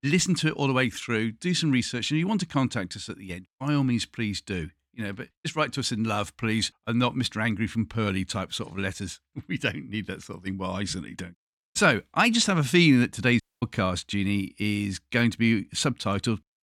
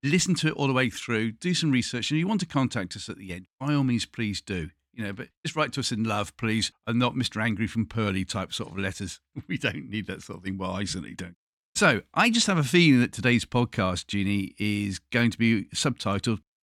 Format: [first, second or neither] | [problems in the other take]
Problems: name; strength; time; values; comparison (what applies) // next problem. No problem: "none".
second | audio cutting out; at 13 s